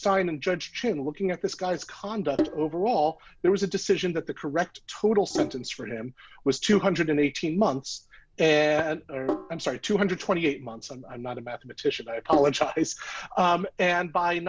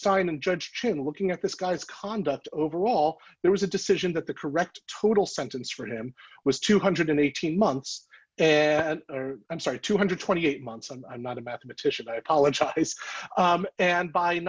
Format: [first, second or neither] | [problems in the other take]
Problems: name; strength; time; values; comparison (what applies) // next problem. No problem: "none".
second | background sound (Sink (filling or washing)); 12 dB below the speech